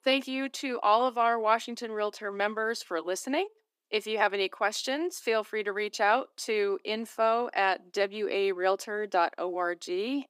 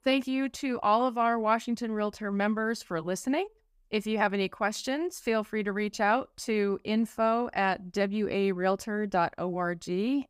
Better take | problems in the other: second | thin; somewhat; fading below 300 Hz

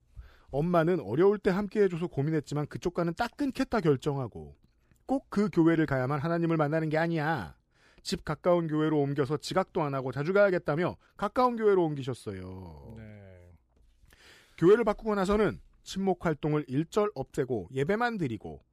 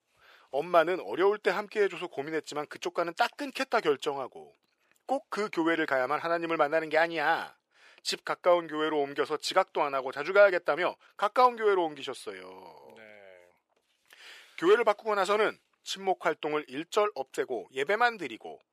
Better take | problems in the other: first | thin; very; fading below 600 Hz

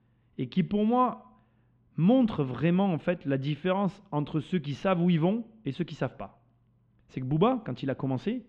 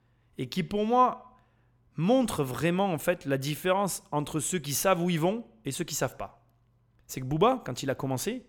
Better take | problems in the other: second | muffled; very; fading above 3.5 kHz

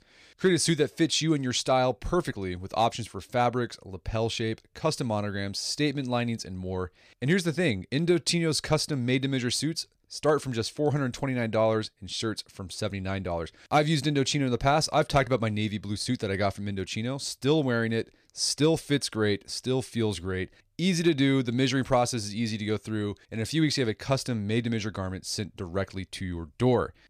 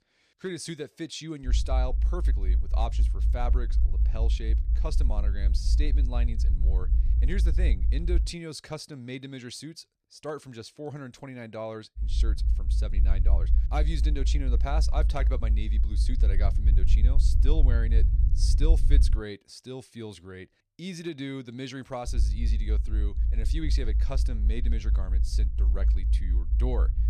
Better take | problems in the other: first | low rumble; loud; from 1.5 to 8.5 s, from 12 to 19 s and from 22 s on; 9 dB below the speech

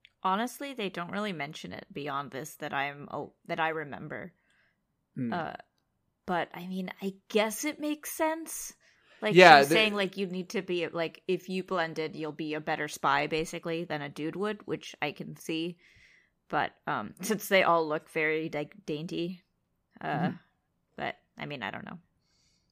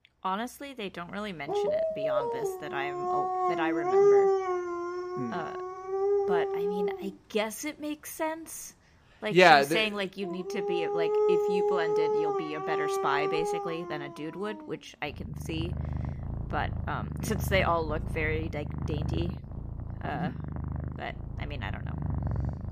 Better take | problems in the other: first | animal sounds; very loud; throughout; 1 dB above the speech

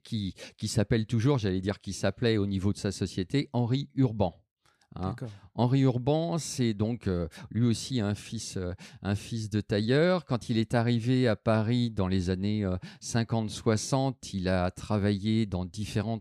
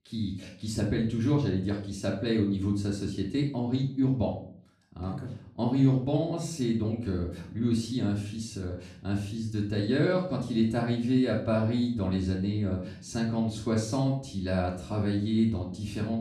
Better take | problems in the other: first | off-mic speech; far // room echo; noticeable; dies away in 0.4 s

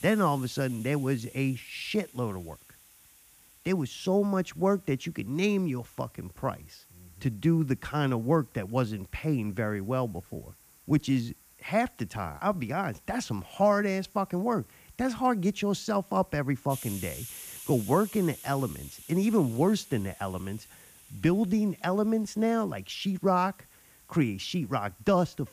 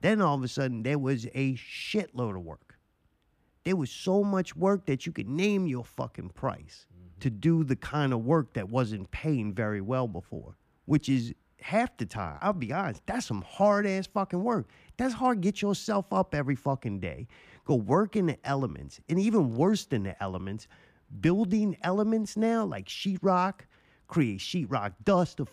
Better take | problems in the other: second | hiss; noticeable; throughout; 20 dB below the speech

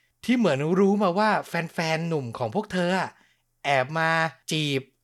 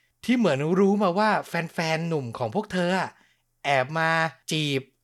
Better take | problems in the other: neither | none

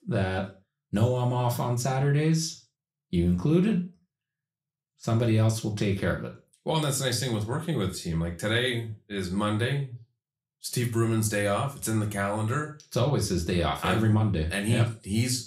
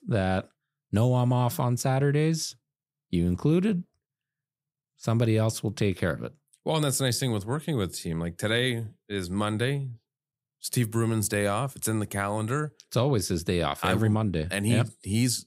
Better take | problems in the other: second | room echo; slight; dies away in 0.4 s // off-mic speech; somewhat distant

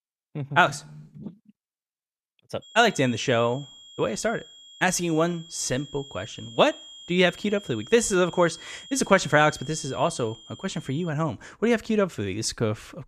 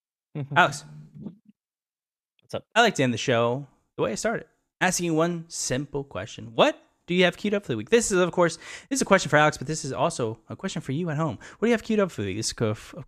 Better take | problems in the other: second | high-pitched whine; noticeable; from 2.5 to 11 s; 3.5 kHz, 20 dB below the speech

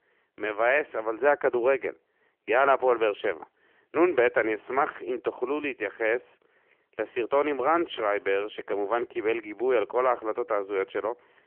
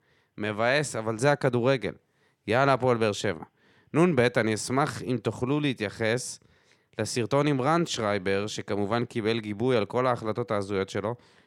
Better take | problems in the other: second | phone-call audio

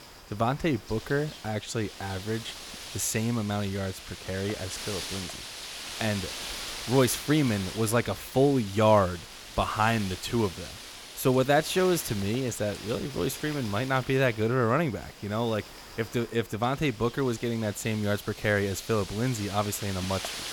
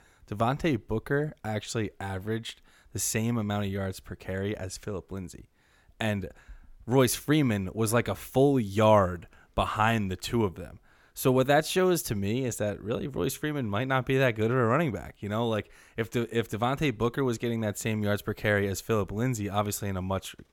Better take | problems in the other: second | wind noise on the microphone; occasional gusts; 10 dB below the speech

